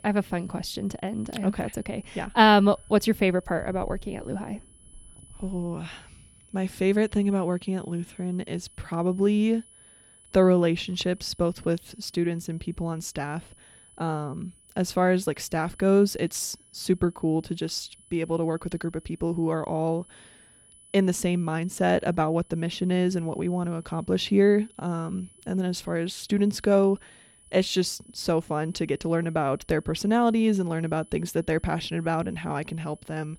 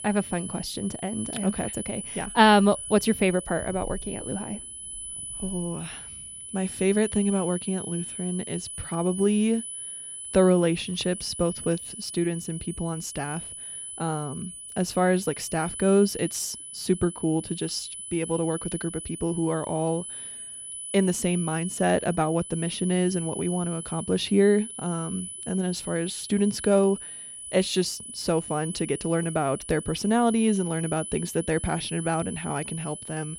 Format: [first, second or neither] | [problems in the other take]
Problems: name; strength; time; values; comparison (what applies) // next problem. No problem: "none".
first | high-pitched whine; loud; throughout; 10 kHz, 9 dB below the speech; faint in the first